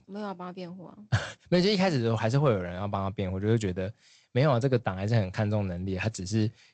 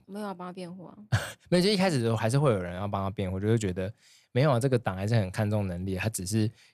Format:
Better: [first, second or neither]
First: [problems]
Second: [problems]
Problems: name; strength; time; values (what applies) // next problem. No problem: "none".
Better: second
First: garbled, watery; slightly; nothing above 8 kHz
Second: none